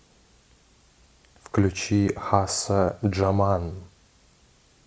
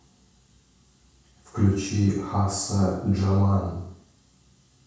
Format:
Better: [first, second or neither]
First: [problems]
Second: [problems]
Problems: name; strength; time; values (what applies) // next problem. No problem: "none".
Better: first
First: none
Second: room echo; dies away in 0.6 s